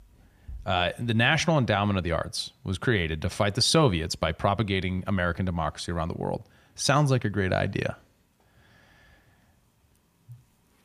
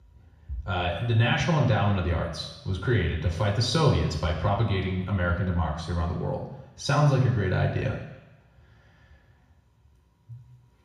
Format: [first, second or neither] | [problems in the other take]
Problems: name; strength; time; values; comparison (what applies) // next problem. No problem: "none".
first | room echo; noticeable; dies away in 1 s // off-mic speech; far